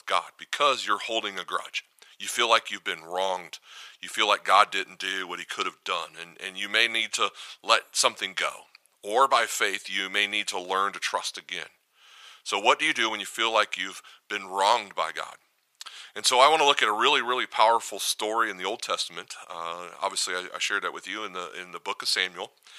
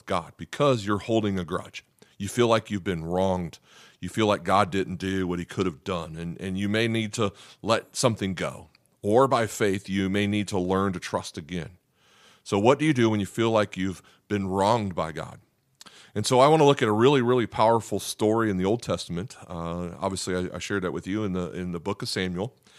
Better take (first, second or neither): second